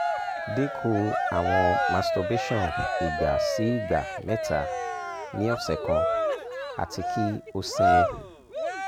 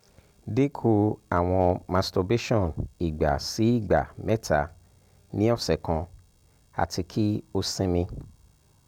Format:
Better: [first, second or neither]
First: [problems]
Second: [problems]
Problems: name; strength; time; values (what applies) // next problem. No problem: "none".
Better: second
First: background sound (Cheering); 2 dB above the speech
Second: none